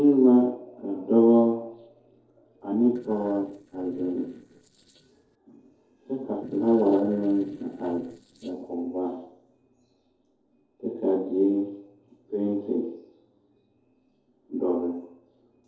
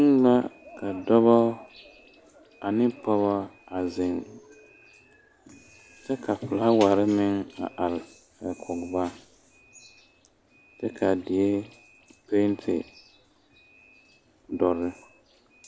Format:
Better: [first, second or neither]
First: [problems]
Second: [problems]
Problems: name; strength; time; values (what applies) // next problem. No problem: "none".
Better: second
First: noise reduction (neural separator model SepFormer DNS4)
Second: none